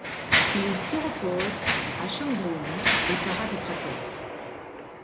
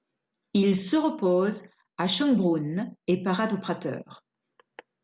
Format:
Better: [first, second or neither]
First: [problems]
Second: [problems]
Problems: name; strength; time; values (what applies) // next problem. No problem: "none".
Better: second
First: background sound (Mechanisms); 4 dB above the speech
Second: none